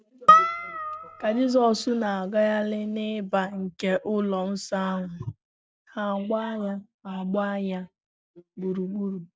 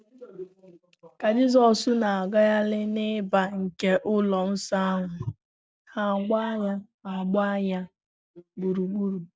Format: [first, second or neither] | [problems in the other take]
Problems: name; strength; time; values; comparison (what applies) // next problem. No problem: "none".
second | background sound (Harp); 4 dB above the speech